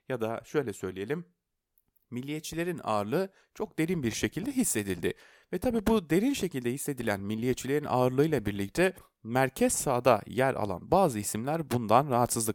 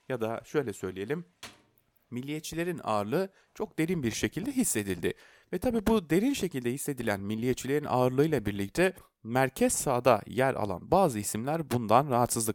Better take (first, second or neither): first